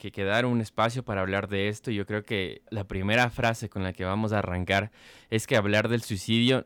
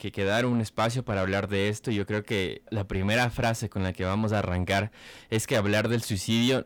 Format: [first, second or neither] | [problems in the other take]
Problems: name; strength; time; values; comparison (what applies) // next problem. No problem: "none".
first | distortion; slight; 10 dB below the speech